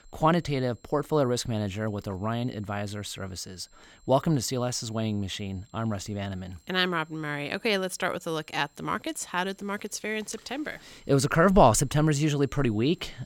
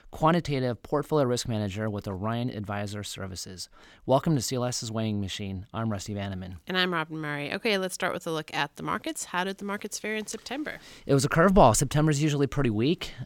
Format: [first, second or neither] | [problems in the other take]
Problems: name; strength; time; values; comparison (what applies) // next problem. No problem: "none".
second | high-pitched whine; faint; throughout; 7.5 kHz, 35 dB below the speech